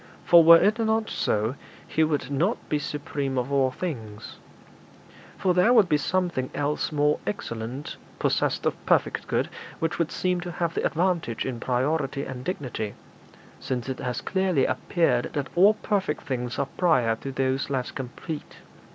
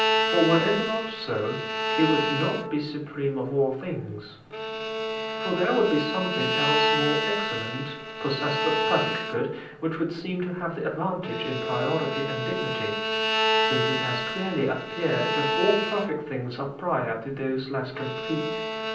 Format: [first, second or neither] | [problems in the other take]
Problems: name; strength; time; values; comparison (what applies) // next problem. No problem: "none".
first | background sound (Bowed string instrument); 1 dB below the speech // room echo; dies away in 0.6 s